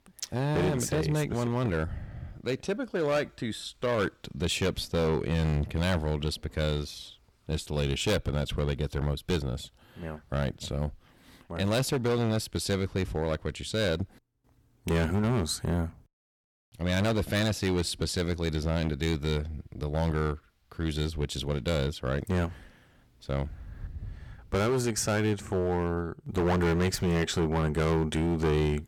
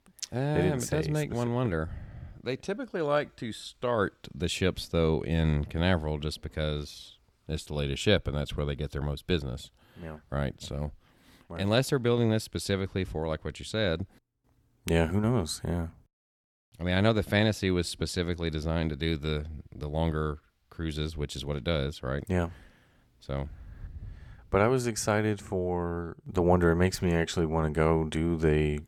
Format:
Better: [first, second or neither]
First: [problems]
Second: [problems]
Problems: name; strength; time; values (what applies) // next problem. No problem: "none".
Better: second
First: distortion; heavy; 10% of the sound clipped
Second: none